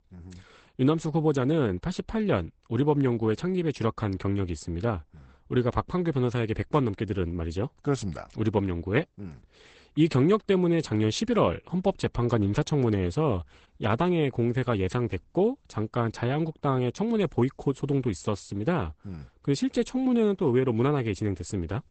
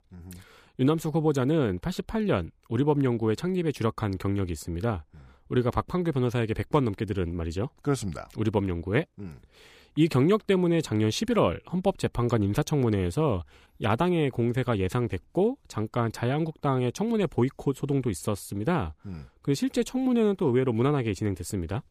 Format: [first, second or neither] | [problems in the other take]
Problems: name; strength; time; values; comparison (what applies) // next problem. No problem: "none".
second | garbled, watery; badly; nothing above 8 kHz